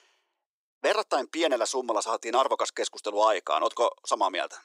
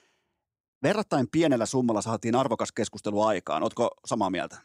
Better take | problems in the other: second | thin; very; fading below 400 Hz

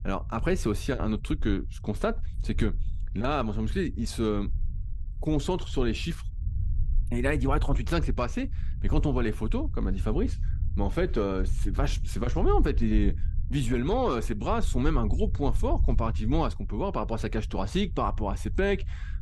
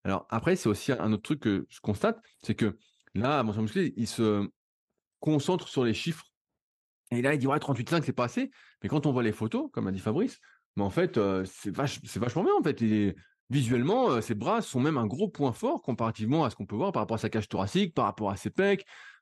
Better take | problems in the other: second | low rumble; faint; throughout; 20 dB below the speech

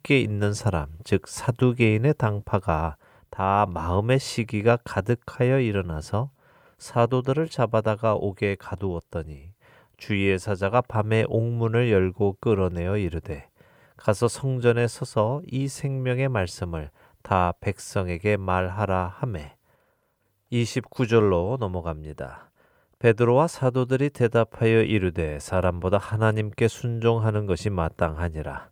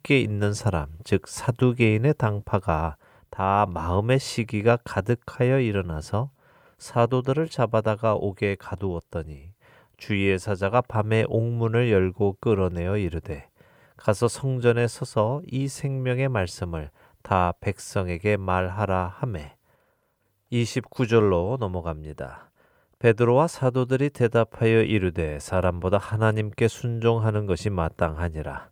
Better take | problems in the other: neither | none

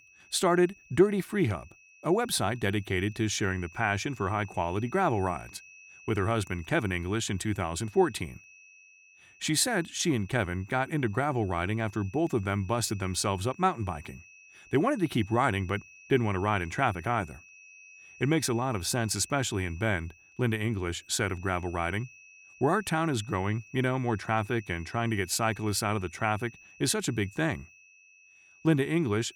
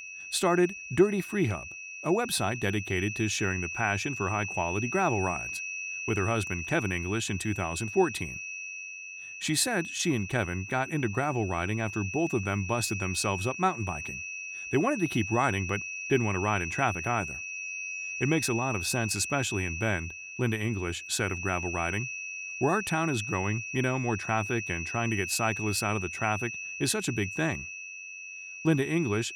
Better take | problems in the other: first | high-pitched whine; loud; throughout; 2.5 kHz, 6 dB below the speech; faint in the first

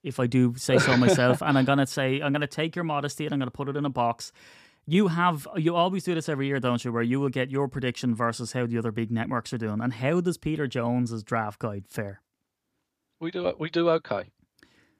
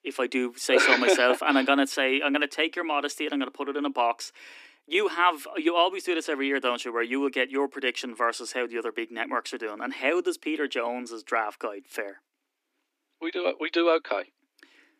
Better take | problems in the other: first | thin; somewhat; fading below 250 Hz

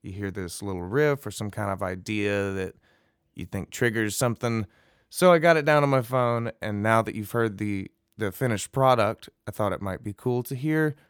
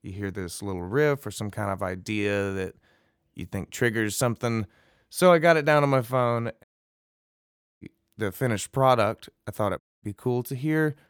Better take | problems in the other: first | audio cutting out; at 6.5 s for 1 s and at 10 s

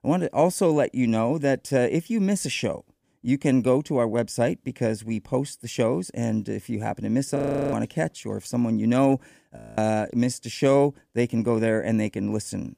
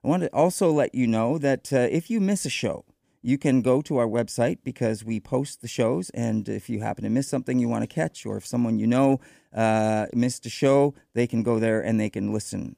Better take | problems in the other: second | audio freezing; at 7.5 s and at 9.5 s

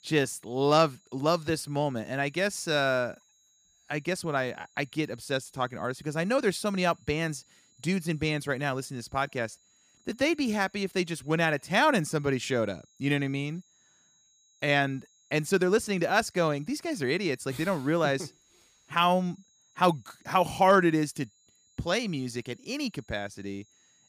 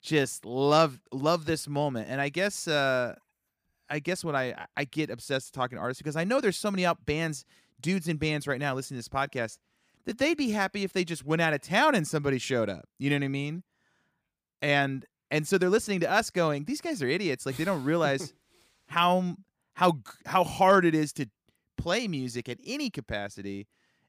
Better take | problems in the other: second | high-pitched whine; faint; throughout; 6.5 kHz, 35 dB below the speech

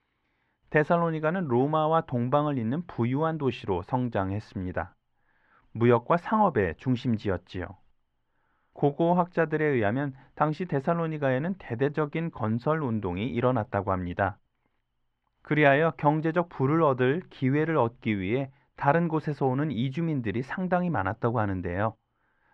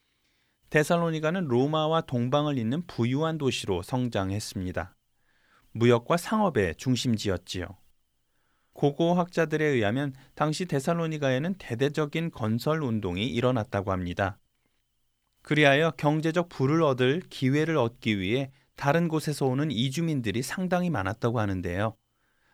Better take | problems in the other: second | muffled; very; fading above 2 kHz

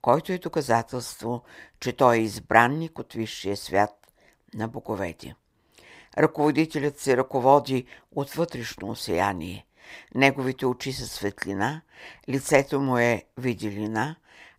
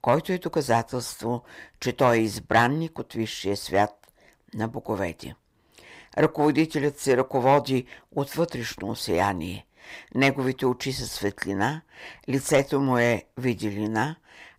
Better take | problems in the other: first | distortion; slight; 10 dB below the speech

